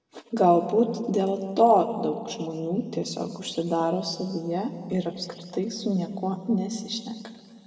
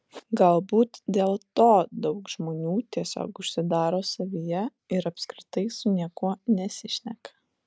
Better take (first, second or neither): second